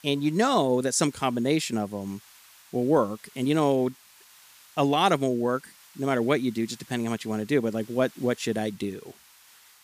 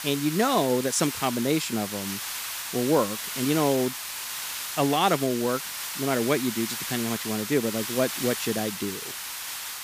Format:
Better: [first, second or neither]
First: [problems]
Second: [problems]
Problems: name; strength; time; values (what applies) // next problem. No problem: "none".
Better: first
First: hiss; faint; throughout; 25 dB below the speech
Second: hiss; loud; throughout; 5 dB below the speech